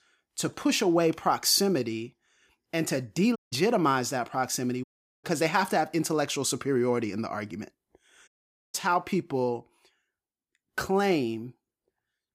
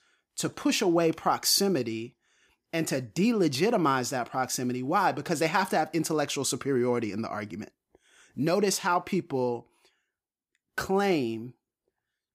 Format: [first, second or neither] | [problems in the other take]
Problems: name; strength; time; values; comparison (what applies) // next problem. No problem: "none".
second | audio cutting out; at 3.5 s, at 5 s and at 8.5 s